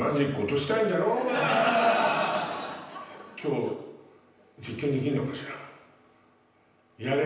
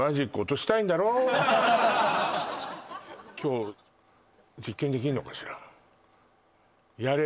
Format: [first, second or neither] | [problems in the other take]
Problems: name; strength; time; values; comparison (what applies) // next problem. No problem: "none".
second | room echo; dies away in 0.9 s